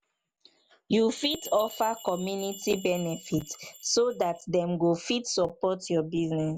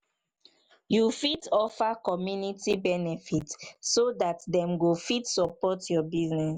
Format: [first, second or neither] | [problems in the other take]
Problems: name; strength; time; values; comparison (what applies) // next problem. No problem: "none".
second | background sound (Bell); 18 dB below the speech